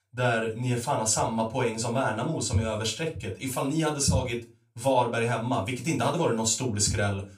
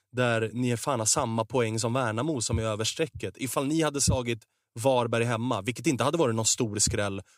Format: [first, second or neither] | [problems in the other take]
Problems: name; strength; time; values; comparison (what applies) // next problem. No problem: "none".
second | off-mic speech; far // room echo; very slight; dies away in 0.2 s